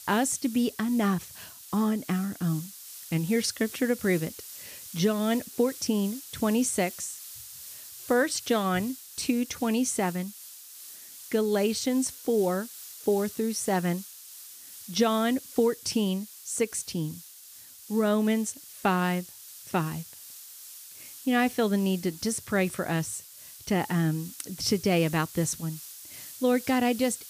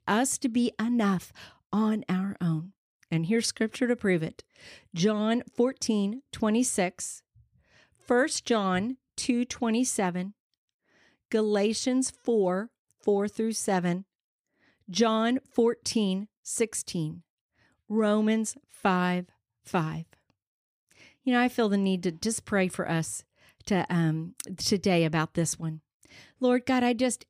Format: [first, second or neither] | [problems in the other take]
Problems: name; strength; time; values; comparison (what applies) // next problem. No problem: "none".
second | hiss; noticeable; throughout; 15 dB below the speech